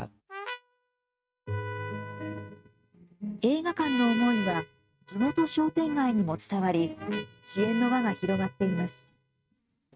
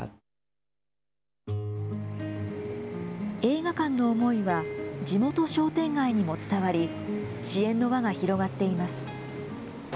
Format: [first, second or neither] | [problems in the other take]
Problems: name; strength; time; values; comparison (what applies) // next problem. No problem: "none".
second | noise reduction (neural mask model RNNoise)